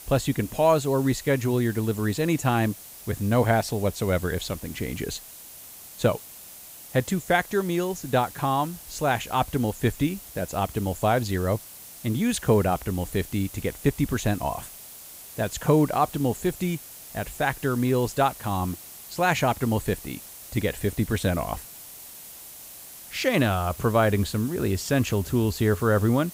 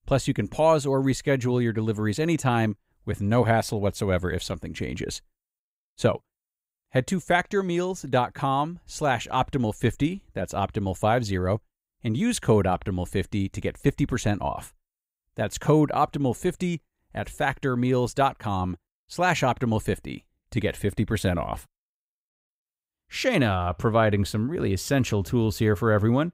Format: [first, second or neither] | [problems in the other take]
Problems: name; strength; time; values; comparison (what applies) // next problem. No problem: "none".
second | hiss; noticeable; throughout; 15 dB below the speech